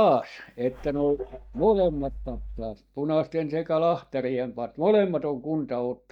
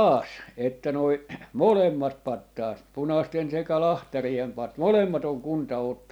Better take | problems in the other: second | noise reduction (neural mask model DeepFilterNet 3)

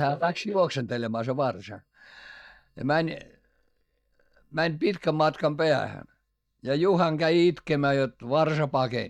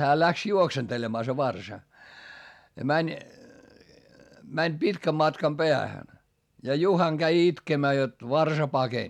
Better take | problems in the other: second | noise reduction (neural mask model DeepFilterNet 3)

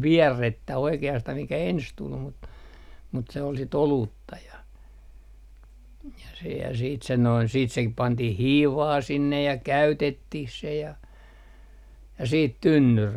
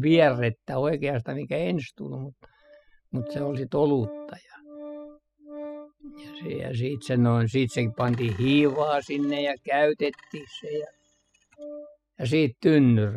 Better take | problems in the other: first | noise reduction (classical method spectral subtraction)

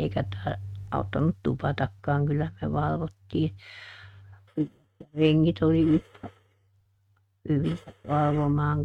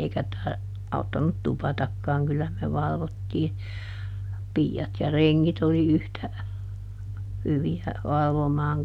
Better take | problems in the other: second | noise reduction (neural mask model RNNoise)

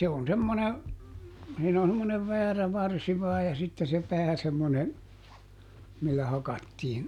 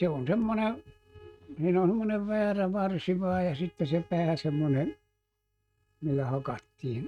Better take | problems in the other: first | noise reduction (neural mask model RNNoise)

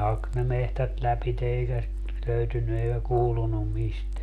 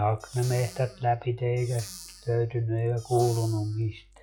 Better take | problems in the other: first | noise reduction (classical method log-MMSE)

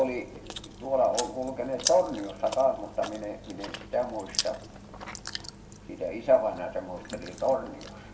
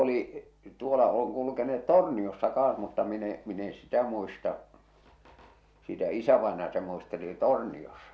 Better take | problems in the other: second | background sound (Chewing, mastication); 10 dB below the speech // room echo; dies away in 1 s

